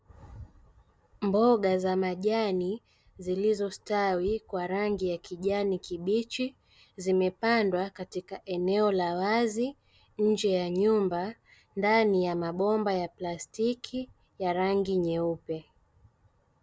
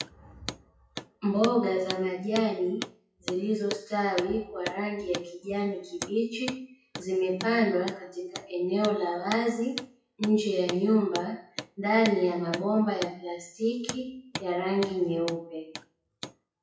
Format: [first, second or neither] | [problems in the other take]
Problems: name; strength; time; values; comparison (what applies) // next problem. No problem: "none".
first | noise reduction (classical method WPE with log-MMSE)